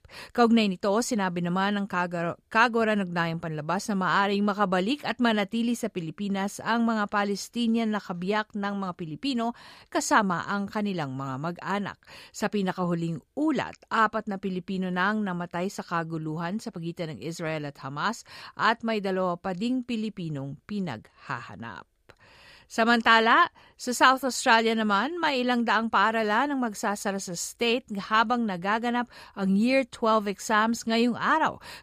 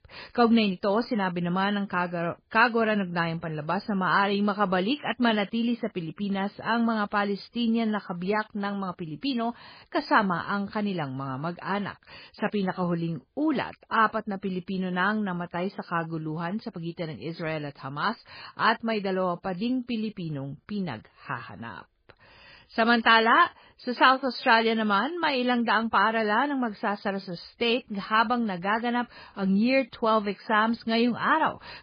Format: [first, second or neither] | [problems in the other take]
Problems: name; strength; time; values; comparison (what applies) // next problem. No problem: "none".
first | garbled, watery; badly; nothing above 4.5 kHz